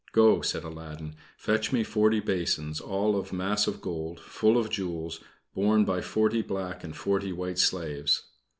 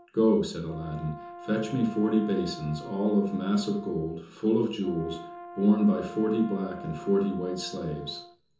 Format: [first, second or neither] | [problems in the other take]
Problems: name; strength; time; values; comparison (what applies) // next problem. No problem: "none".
first | background sound (Brass instrument); 16 dB below the speech // room echo; dies away in 0.6 s